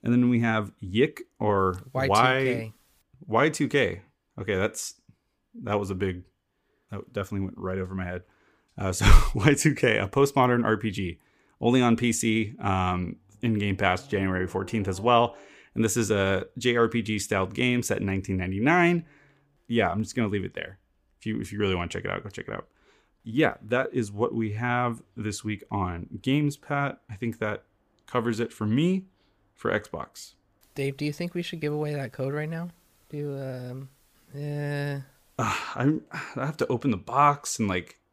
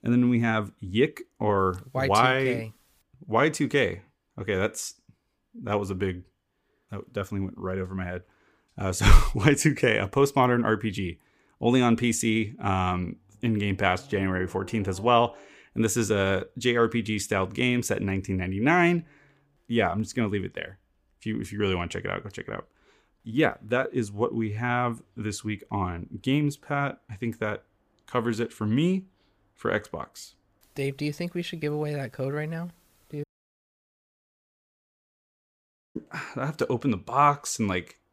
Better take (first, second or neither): first